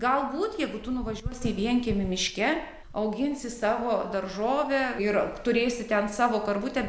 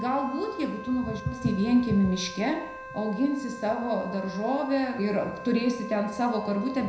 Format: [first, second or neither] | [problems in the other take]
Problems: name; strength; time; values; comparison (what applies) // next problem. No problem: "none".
first | background sound (Wind instrument, woodwind instrument); 13 dB below the speech // room echo; dies away in 0.4 s